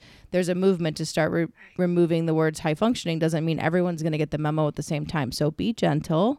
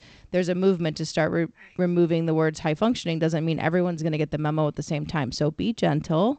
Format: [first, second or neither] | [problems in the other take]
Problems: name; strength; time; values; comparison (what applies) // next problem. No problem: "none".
first | garbled, watery; slightly; nothing above 8 kHz